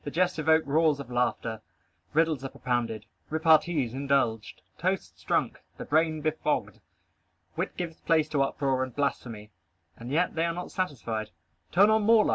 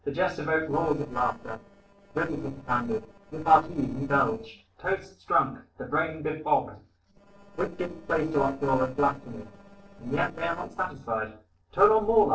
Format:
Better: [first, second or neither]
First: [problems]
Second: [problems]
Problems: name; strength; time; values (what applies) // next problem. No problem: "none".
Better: first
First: none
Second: noise reduction (neural separator model SepFormer DNS4)